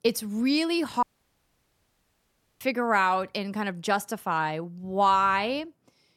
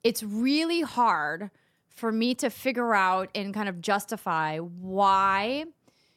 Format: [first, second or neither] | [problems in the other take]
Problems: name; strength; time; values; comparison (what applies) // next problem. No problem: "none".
second | audio cutting out; at 1 s for 1.5 s